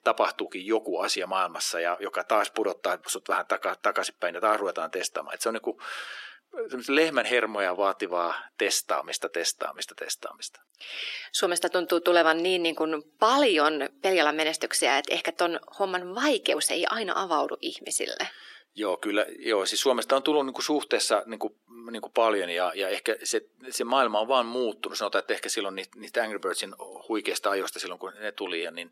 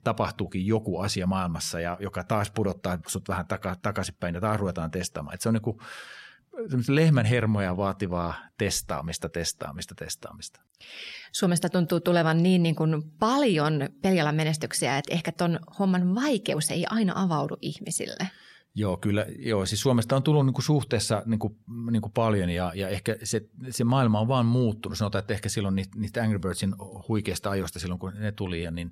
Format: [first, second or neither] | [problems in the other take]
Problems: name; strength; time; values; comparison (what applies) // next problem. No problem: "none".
second | thin; very; fading below 300 Hz